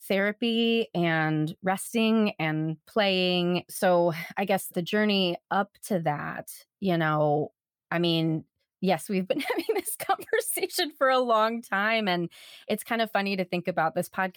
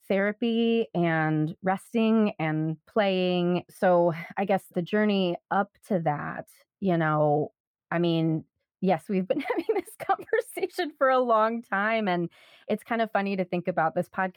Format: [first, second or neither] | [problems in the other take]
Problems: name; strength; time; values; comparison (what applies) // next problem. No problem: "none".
first | muffled; slightly; fading above 3 kHz